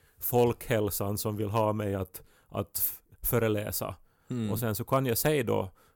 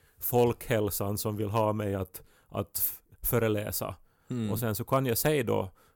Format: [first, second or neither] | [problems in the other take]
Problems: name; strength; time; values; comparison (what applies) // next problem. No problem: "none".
neither | none